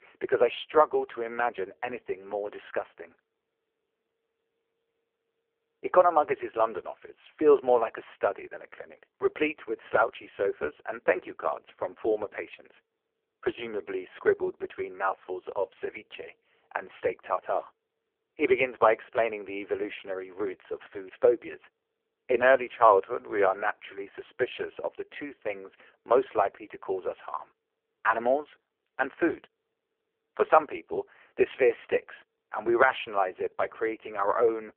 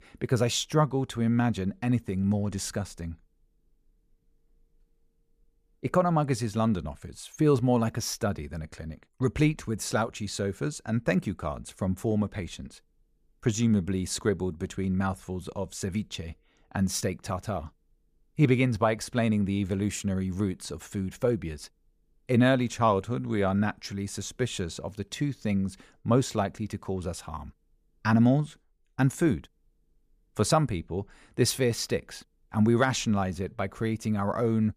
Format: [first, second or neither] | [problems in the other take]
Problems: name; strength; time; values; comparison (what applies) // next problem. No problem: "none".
second | phone-call audio; poor line